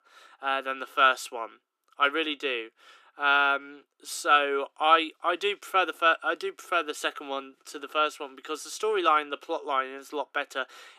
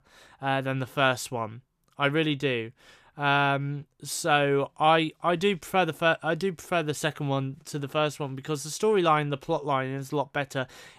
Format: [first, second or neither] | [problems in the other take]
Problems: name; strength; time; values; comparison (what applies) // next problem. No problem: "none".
second | thin; very; fading below 300 Hz